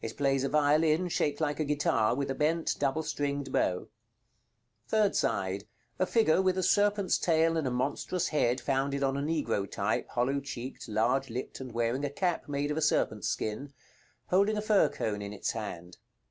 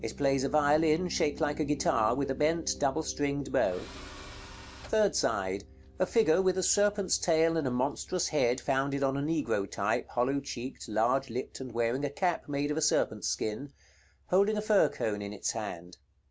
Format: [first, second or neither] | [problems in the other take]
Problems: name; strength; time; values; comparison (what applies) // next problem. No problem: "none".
first | background sound (Tools + Piano); 20 dB below the speech